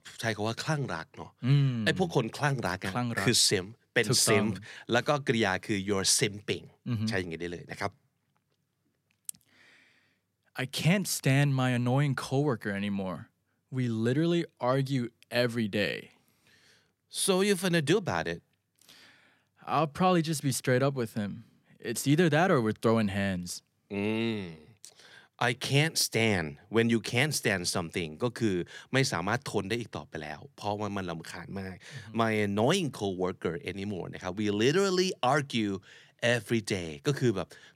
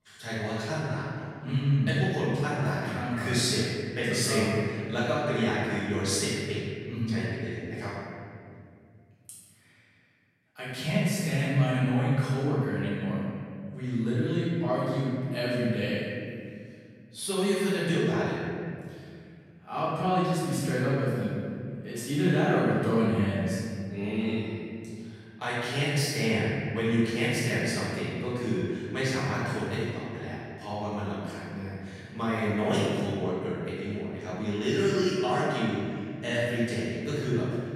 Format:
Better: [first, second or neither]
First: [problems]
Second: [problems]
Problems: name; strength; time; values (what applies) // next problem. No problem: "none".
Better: first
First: none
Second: room echo; strong; dies away in 2.4 s // off-mic speech; far